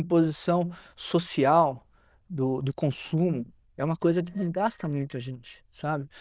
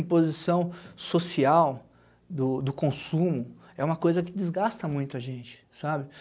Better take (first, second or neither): second